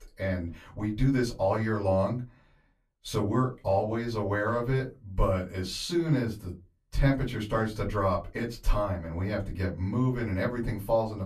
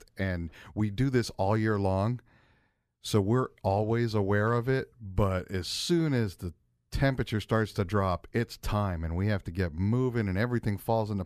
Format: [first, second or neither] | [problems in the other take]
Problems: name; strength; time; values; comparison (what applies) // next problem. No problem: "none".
second | off-mic speech; far // room echo; very slight; dies away in 0.2 s